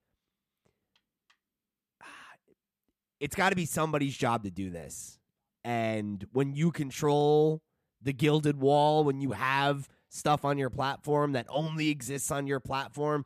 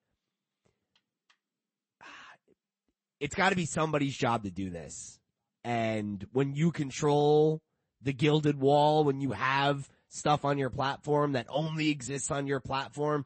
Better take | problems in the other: first | garbled, watery; slightly; nothing above 8 kHz

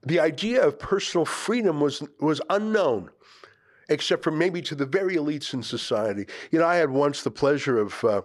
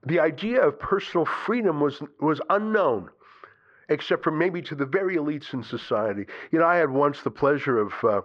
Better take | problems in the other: first | muffled; very; fading above 2 kHz

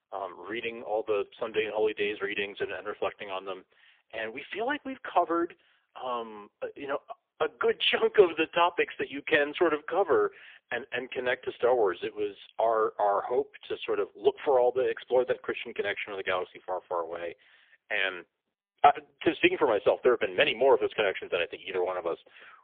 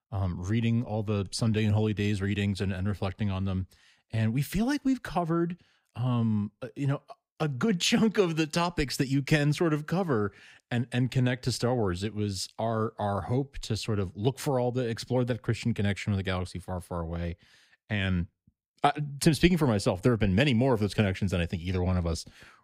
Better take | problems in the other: second | phone-call audio; poor line; nothing above 3.5 kHz

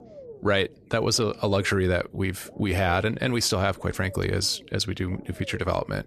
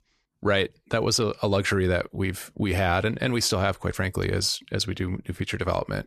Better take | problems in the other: second | low rumble; faint; throughout; 20 dB below the speech

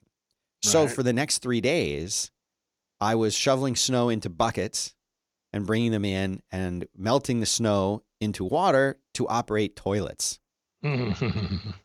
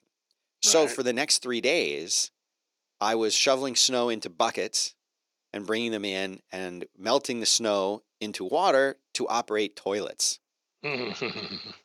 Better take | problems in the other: first | thin; somewhat; fading below 350 Hz

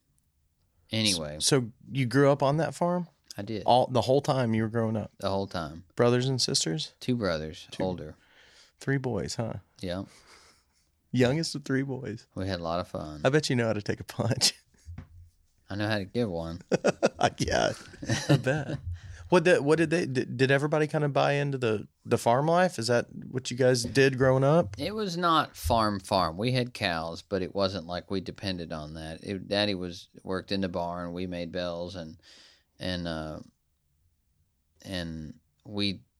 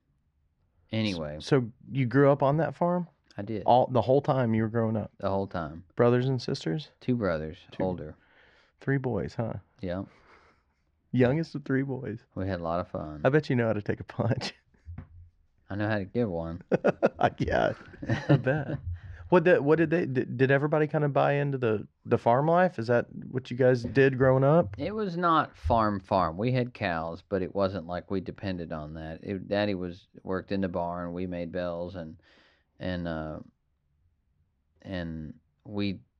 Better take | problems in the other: first | muffled; very; fading above 2 kHz

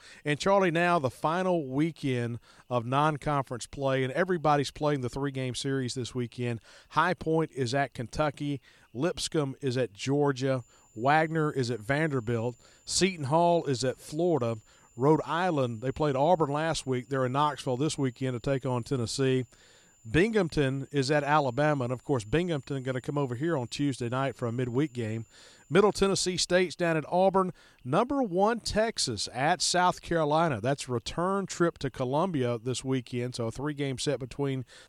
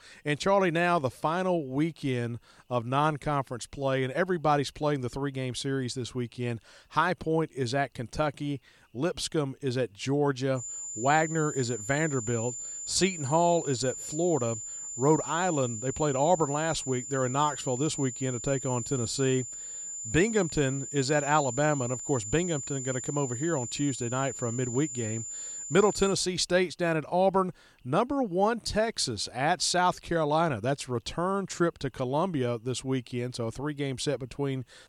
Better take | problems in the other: first | high-pitched whine; loud; from 11 to 26 s; 7 kHz, 7 dB below the speech; faint in the first

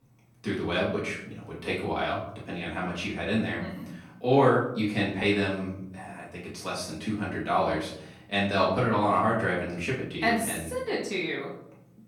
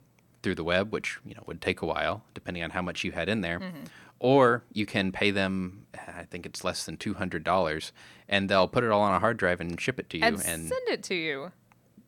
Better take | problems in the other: second | off-mic speech; far // room echo; noticeable; dies away in 0.6 s

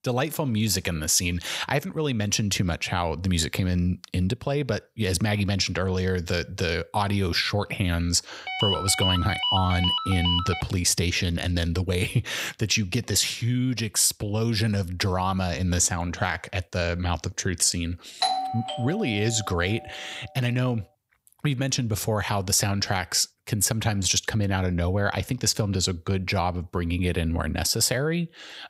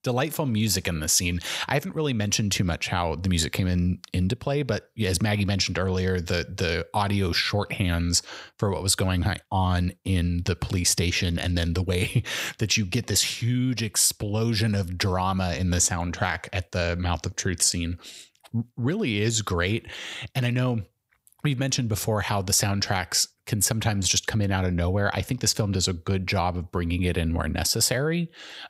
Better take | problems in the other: second | phone ringing; loud; from 8.5 to 11 s; peak 1 dB above the speech // doorbell; loud; from 18 to 19 s; peak level with the speech

